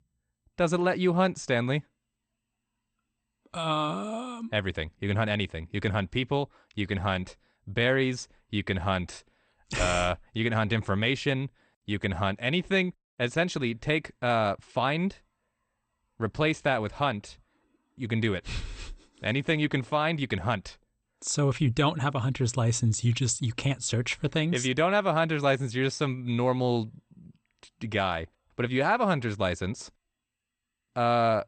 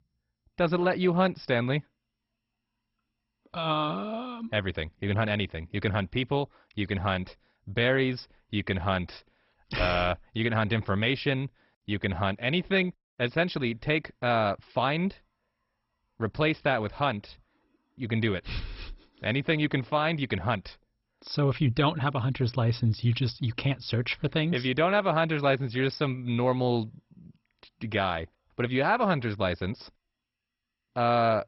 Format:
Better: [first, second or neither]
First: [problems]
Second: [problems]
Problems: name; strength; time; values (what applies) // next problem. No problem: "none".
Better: first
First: garbled, watery; slightly; nothing above 8.5 kHz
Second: garbled, watery; badly; nothing above 5.5 kHz